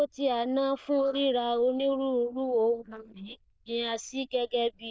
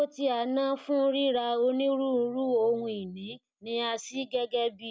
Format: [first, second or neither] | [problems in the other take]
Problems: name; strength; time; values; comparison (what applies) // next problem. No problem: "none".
second | noise reduction (neural diffusion model UNIVERSE++)